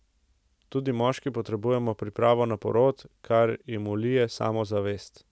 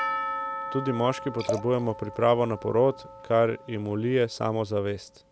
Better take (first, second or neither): first